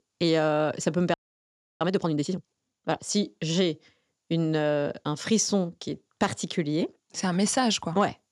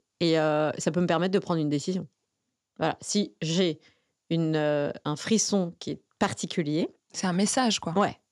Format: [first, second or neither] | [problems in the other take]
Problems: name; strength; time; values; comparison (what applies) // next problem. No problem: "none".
second | audio freezing; at 1 s for 0.5 s